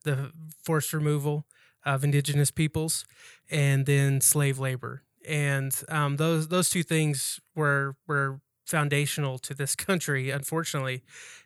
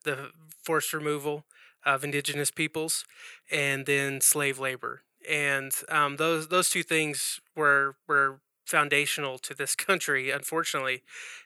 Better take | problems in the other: first | thin; very; fading below 350 Hz

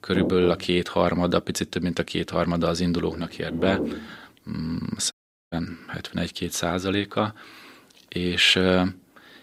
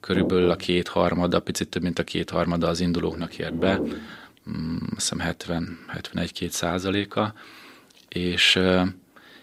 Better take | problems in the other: second | audio cutting out; at 5 s

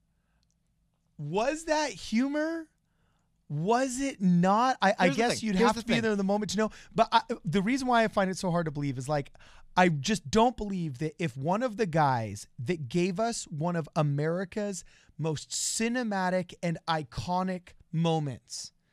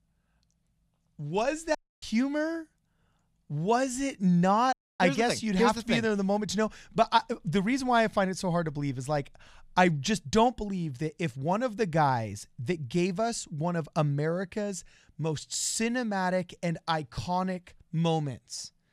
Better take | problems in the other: first | audio cutting out; at 2 s and at 4.5 s

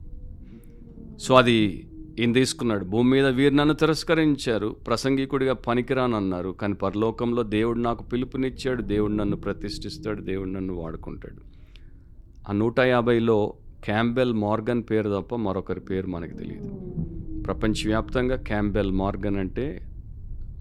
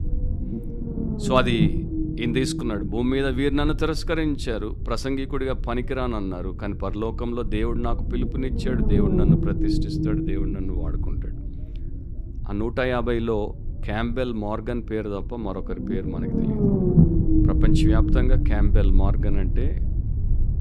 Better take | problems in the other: first | low rumble; loud; throughout; 3 dB below the speech; faint in the first

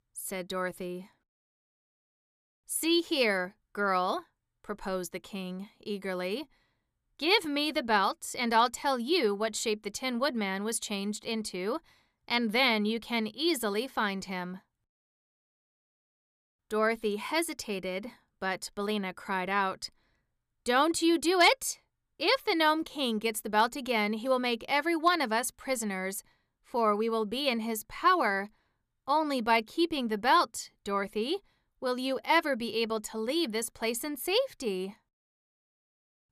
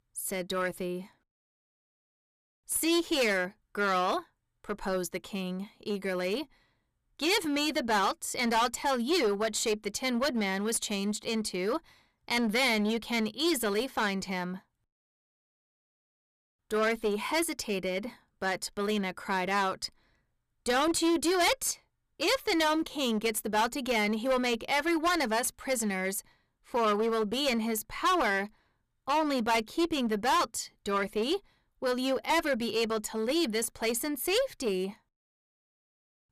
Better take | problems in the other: first | distortion; heavy; 9% of the sound clipped

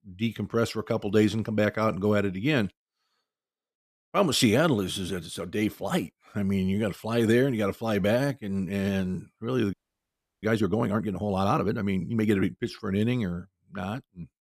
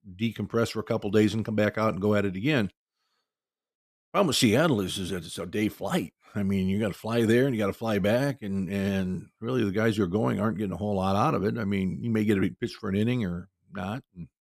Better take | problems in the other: second | audio freezing; at 9.5 s for 0.5 s

